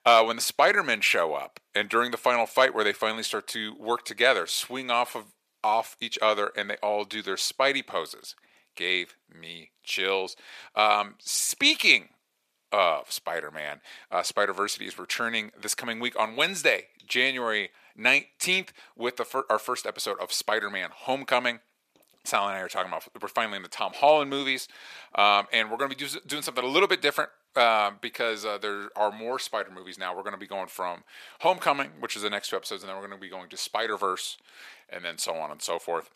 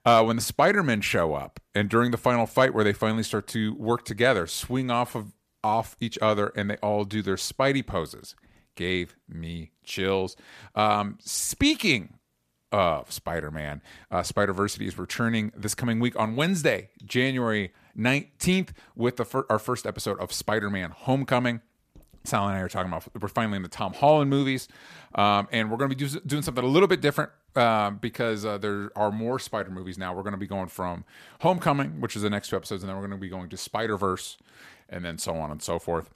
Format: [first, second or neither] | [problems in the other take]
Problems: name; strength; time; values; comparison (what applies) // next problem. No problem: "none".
second | thin; somewhat; fading below 500 Hz